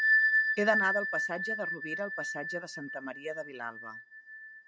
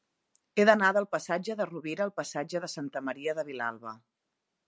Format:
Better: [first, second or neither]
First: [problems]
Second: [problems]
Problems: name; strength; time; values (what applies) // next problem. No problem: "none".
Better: second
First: background sound (Bell); 4 dB above the speech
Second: none